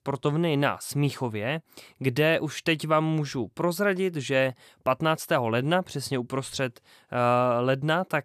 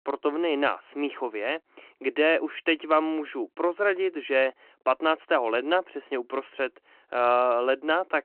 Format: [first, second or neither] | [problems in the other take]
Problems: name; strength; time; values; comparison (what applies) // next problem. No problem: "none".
first | phone-call audio